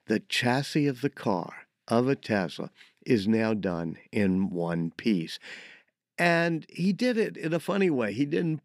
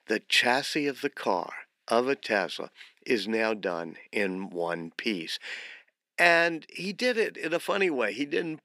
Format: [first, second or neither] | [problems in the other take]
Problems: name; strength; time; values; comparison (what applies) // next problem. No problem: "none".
first | thin; somewhat; fading below 400 Hz